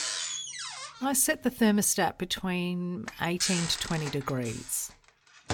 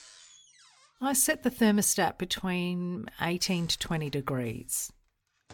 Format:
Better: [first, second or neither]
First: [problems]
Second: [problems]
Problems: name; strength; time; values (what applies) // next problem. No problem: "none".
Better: second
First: household noises; loud; throughout; 7 dB below the speech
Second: household noises; faint; throughout; 25 dB below the speech